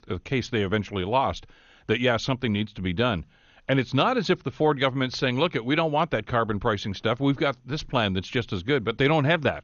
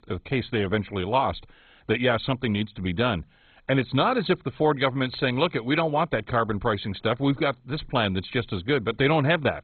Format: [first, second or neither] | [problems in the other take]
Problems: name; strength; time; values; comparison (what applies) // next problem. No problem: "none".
first | garbled, watery; badly; nothing above 4 kHz; slightly in the first